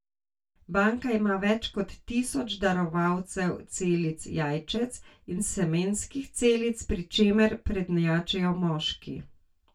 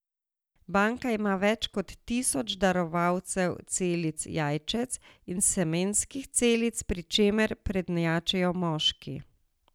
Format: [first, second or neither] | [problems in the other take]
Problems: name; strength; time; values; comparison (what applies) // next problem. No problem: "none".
second | room echo; dies away in 0.2 s